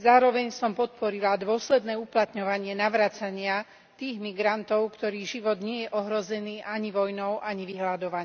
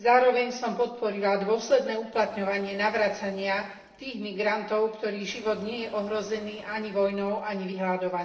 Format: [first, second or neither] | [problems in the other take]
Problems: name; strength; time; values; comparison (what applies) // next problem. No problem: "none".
first | noise reduction (neural separator model SepFormer DNS4)